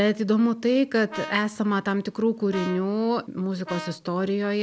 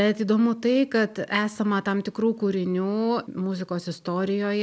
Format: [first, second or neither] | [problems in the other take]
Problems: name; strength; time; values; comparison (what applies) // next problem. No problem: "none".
second | background sound (Brass instrument); 15 dB below the speech